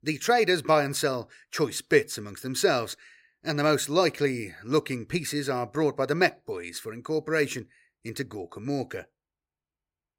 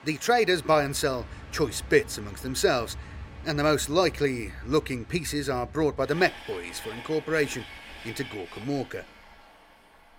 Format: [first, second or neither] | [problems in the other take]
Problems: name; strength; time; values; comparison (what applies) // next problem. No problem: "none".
first | train or aircraft noise; noticeable; throughout; 15 dB below the speech